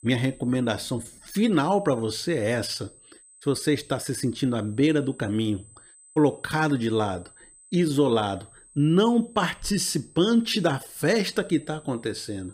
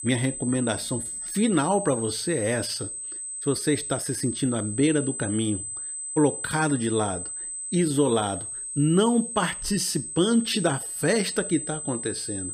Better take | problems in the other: first | high-pitched whine; loud; throughout; 8 kHz, 6 dB below the speech; faint in the first

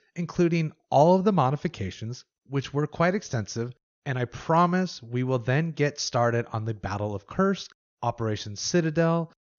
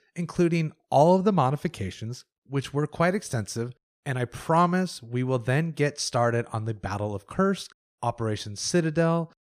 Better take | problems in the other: second | garbled, watery; slightly; nothing above 6.5 kHz

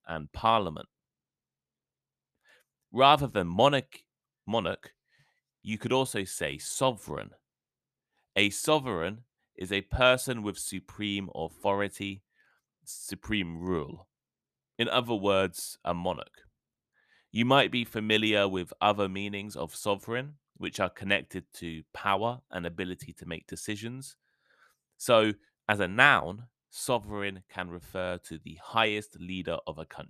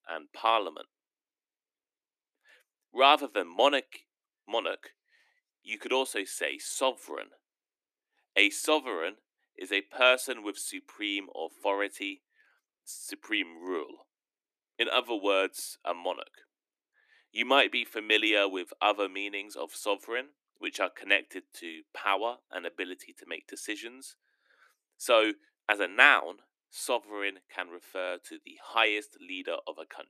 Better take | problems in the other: first | thin; somewhat; fading below 300 Hz

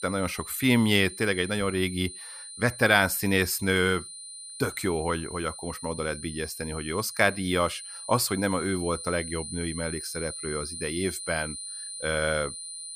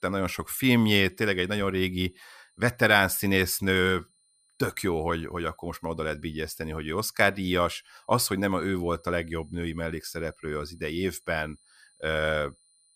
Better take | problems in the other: second | high-pitched whine; loud; throughout; 9.5 kHz, 10 dB below the speech; faint in the second

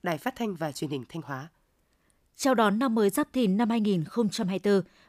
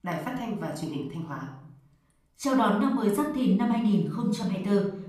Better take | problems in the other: first | off-mic speech; somewhat distant // room echo; noticeable; dies away in 0.6 s

